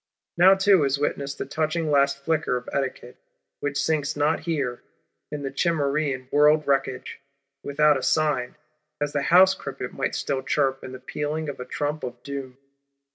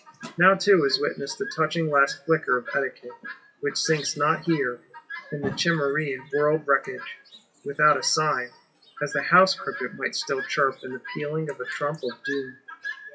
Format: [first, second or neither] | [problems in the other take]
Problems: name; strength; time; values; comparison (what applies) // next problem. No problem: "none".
first | noise reduction (classical method WPE with log-MMSE)